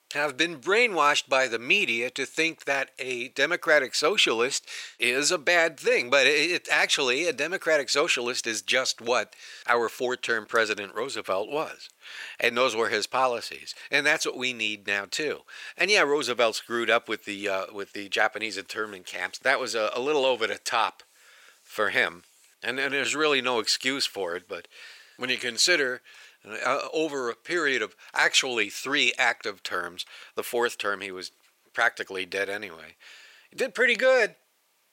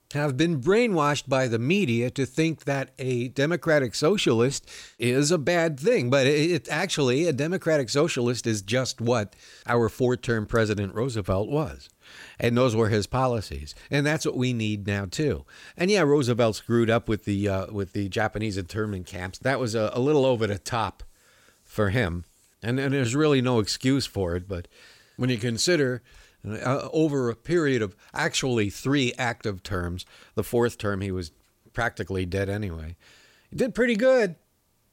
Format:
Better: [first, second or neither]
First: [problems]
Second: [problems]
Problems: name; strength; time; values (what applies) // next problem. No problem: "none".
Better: second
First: thin; very; fading below 550 Hz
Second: none